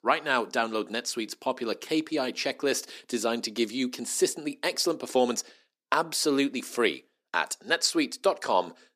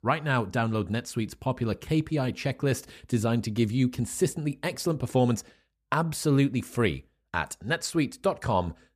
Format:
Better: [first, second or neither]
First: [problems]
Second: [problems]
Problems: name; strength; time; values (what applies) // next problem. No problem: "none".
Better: second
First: thin; somewhat; fading below 300 Hz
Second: none